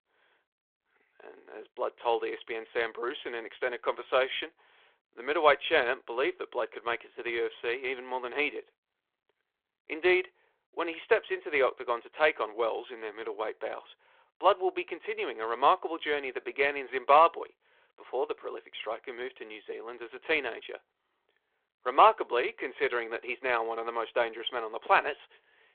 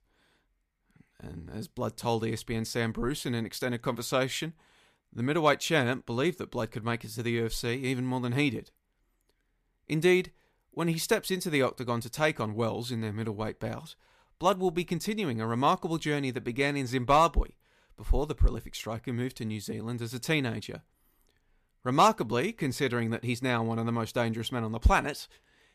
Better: second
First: phone-call audio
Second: none

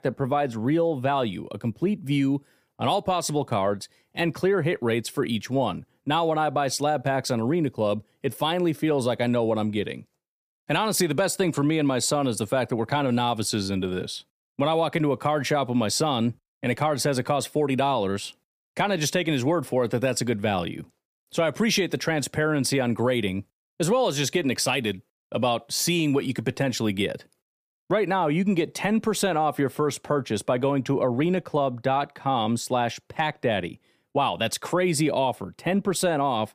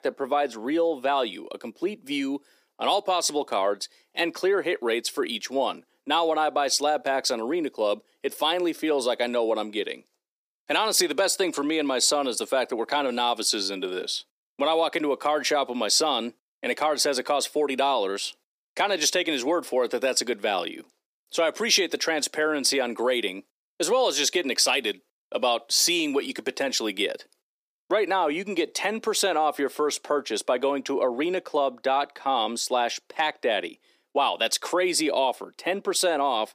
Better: first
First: none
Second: thin; somewhat; fading below 300 Hz

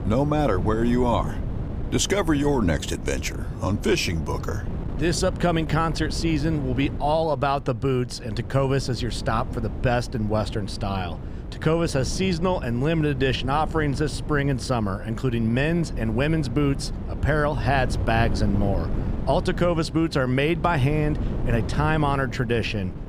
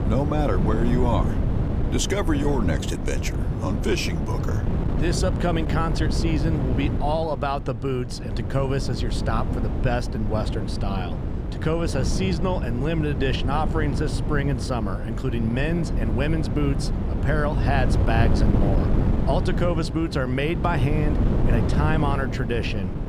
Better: first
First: wind noise on the microphone; occasional gusts; 15 dB below the speech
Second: wind noise on the microphone; heavy; 6 dB below the speech

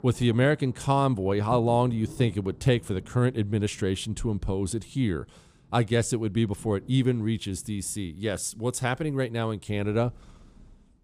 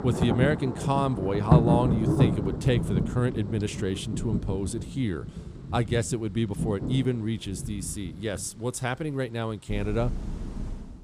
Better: first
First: rain or running water; faint; throughout; 20 dB below the speech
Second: rain or running water; loud; throughout; 1 dB below the speech

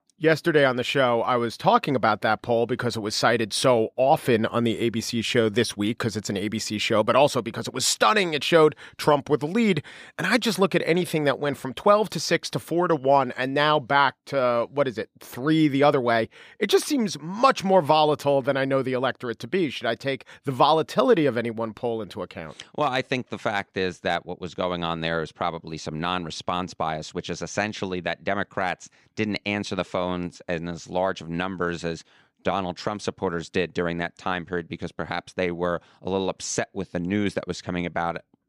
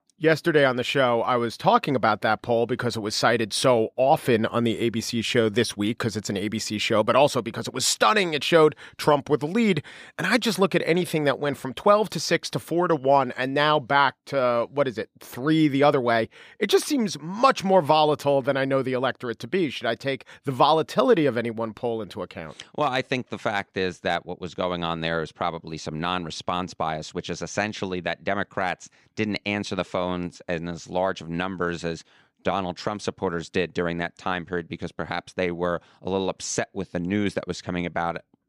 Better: neither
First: none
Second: none

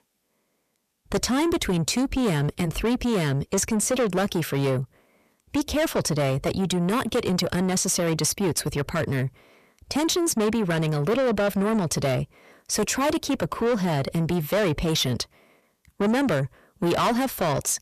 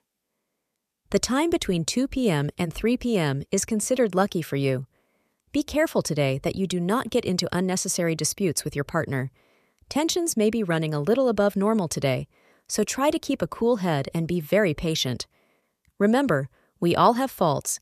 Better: second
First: distortion; heavy; 7 dB below the speech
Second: none

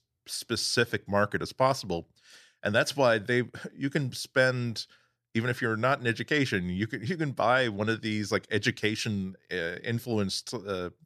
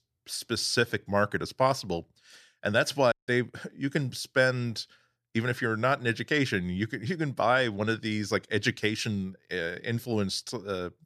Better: first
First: none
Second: audio cutting out; at 3 s

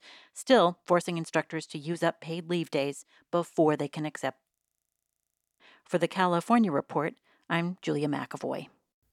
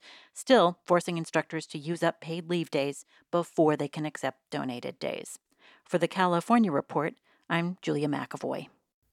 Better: second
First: audio freezing; at 4.5 s for 1 s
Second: none

